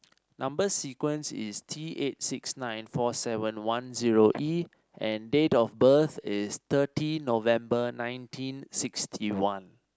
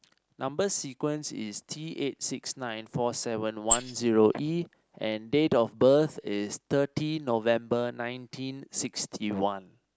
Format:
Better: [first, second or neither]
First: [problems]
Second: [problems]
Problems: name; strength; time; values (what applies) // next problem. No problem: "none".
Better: first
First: none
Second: noise reduction (neural mask model Resemble Enhance denoiser)